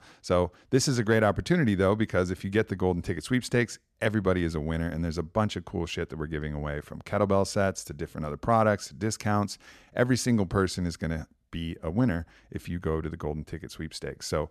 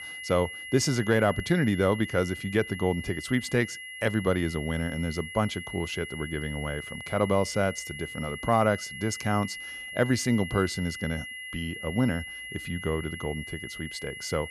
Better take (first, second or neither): first